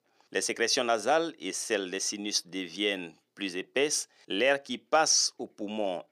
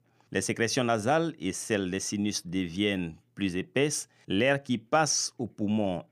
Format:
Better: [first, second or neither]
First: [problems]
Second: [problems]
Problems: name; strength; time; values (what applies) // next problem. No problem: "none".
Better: second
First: thin; somewhat; fading below 450 Hz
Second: none